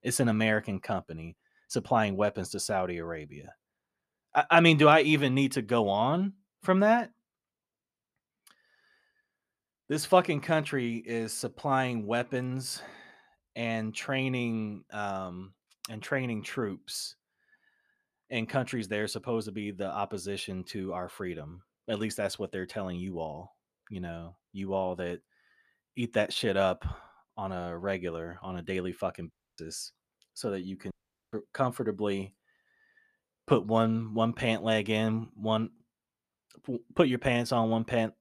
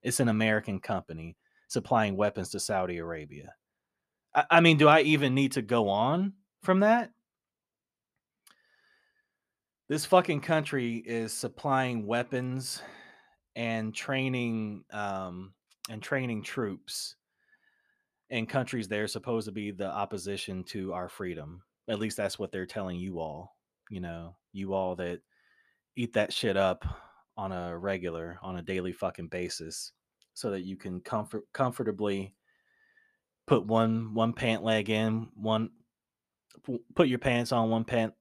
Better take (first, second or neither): second